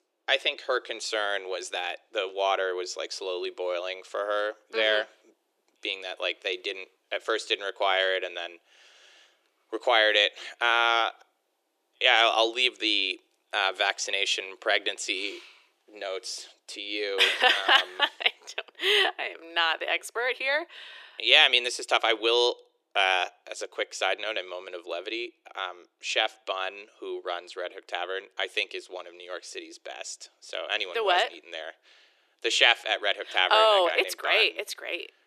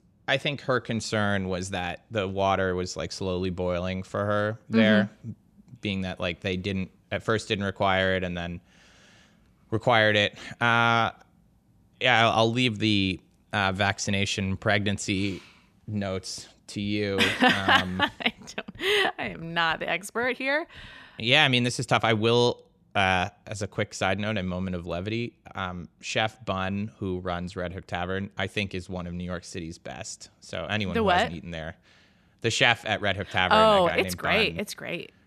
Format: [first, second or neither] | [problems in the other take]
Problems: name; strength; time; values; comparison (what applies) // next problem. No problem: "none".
second | thin; very; fading below 350 Hz